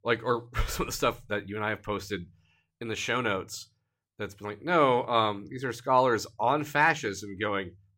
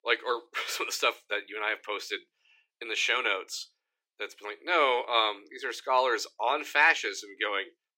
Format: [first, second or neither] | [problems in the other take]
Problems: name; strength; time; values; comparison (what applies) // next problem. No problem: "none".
first | thin; very; fading below 350 Hz